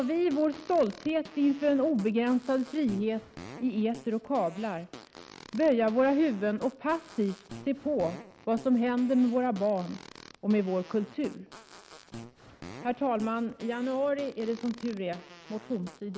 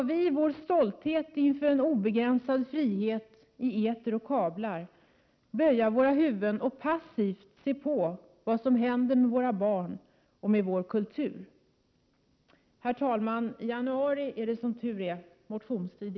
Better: second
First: background sound (Fart); 19 dB below the speech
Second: none

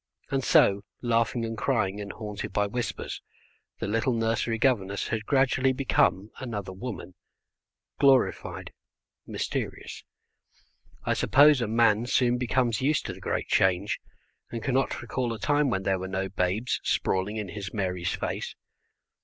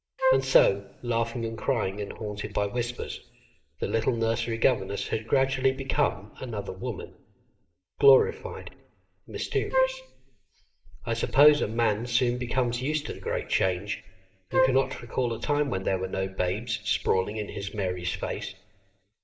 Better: first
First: none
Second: background sound (Wind instrument, woodwind instrument); as loud as the speech // room echo; dies away in 0.9 s

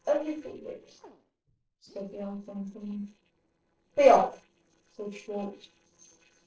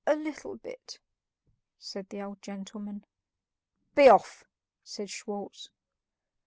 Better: second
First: noise reduction (neural separator model SepFormer DNS4)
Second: none

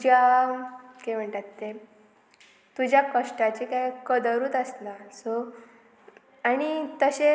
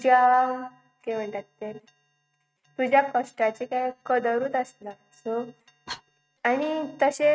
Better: first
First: none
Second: noise reduction (neural mask model RNNoise)

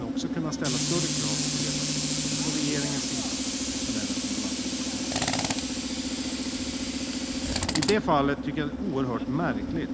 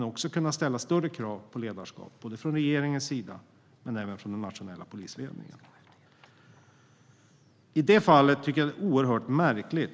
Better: second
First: background sound (Tools); 3 dB above the speech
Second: none

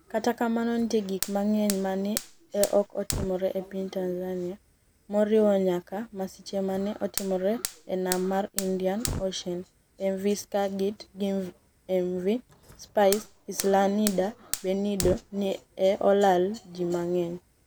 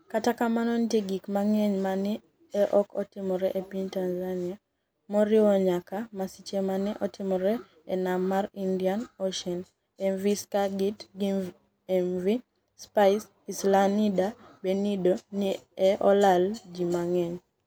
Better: second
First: background sound (Fire); 13 dB below the speech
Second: none

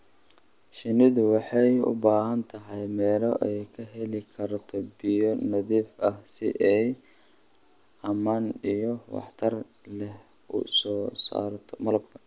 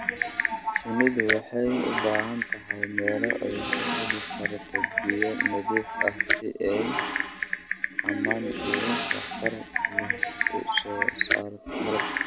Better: first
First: none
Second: background sound (Typing); 3 dB above the speech

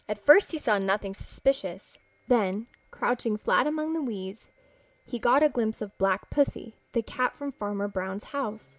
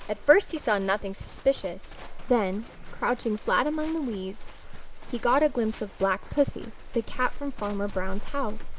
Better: first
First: none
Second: background sound (Livestock, farm animals, working animals); 6 dB below the speech

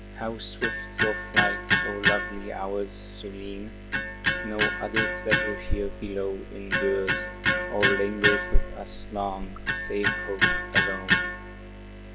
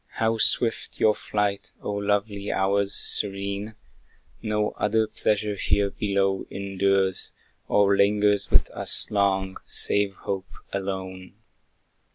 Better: second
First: background sound (Electric guitar); 2 dB above the speech // room echo; dies away in 1 s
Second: none

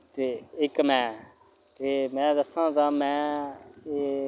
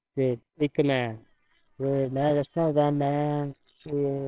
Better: first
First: none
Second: noise reduction (neural separator model SepFormer WHAMR!)

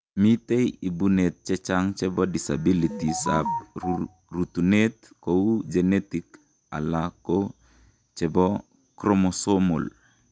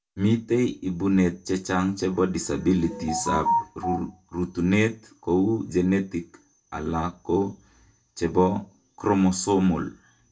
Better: first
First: none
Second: room echo; dies away in 0.2 s

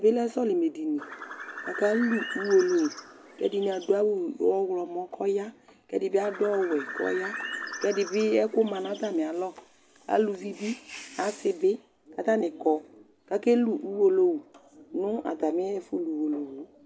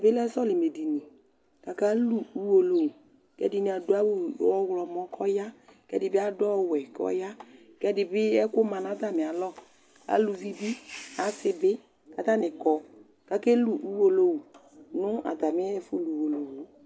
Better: second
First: background sound (Bird); 11 dB below the speech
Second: none

